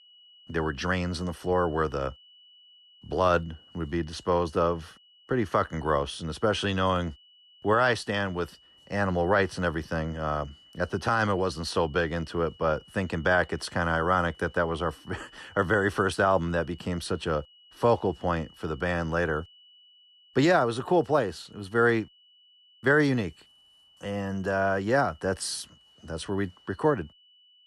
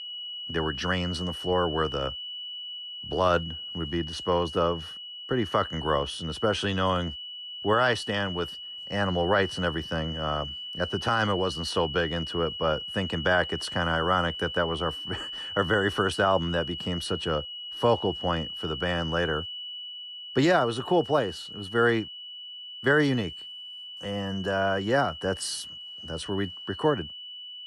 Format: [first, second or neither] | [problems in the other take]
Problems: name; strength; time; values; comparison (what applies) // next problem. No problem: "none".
first | high-pitched whine; loud; throughout; 3 kHz, 8 dB below the speech; faint in the first